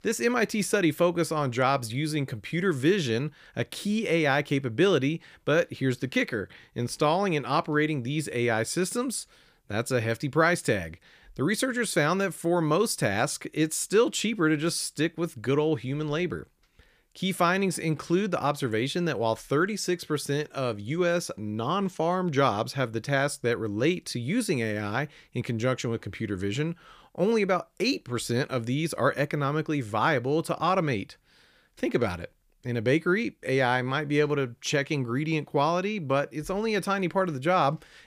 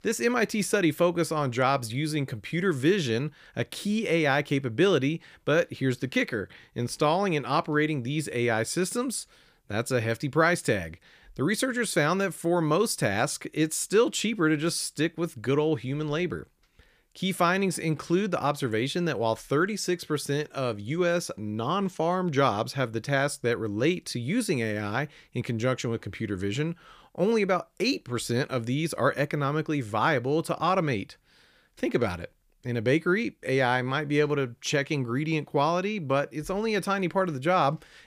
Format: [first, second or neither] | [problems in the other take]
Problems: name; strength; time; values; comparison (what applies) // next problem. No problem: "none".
neither | none